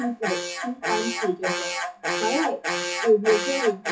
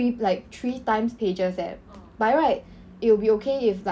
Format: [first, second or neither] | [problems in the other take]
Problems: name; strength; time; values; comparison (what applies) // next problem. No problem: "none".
second | noise reduction (classical method WPE with log-MMSE)